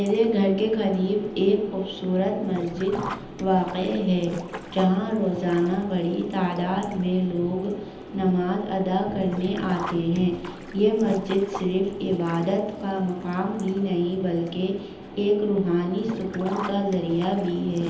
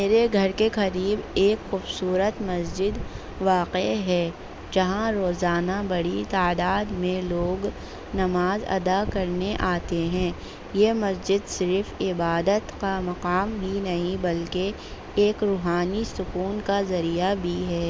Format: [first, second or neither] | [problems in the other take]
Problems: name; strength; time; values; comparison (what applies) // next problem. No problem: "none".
second | background sound (Sink (filling or washing)); 17 dB below the speech // room echo; dies away in 0.9 s